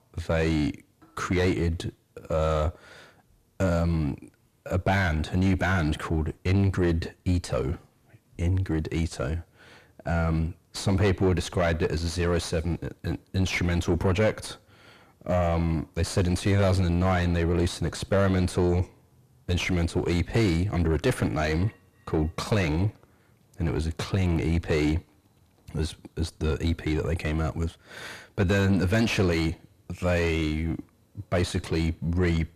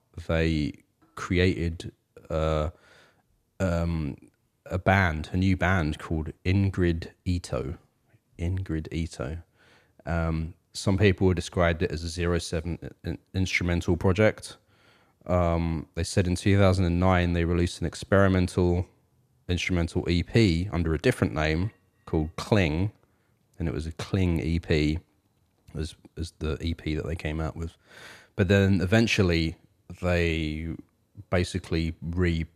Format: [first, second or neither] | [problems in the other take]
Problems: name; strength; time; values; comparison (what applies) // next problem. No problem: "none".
second | distortion; heavy; 5 dB below the speech